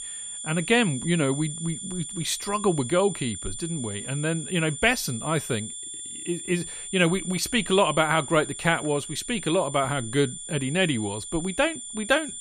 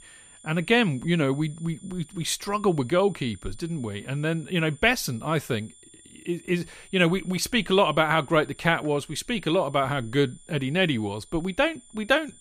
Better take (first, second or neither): second